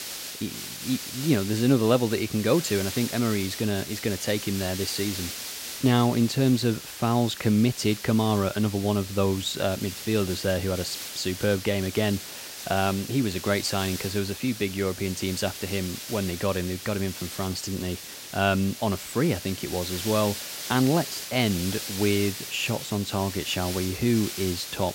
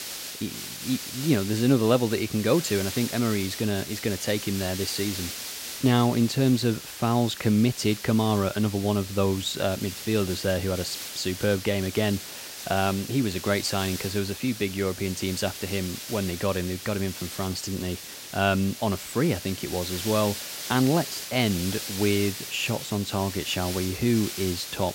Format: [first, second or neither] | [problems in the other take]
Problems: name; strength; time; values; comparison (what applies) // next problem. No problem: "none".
neither | hiss; loud; throughout; 8 dB below the speech; the same in both